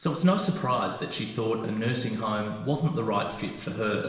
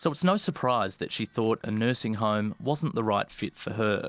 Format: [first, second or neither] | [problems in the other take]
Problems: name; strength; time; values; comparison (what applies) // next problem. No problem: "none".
second | room echo; dies away in 1 s